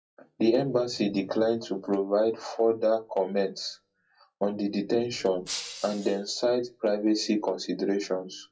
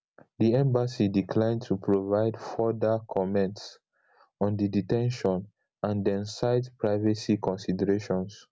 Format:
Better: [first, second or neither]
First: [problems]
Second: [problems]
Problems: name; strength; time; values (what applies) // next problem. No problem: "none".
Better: second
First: noise reduction (classical method WPE with log-MMSE)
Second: none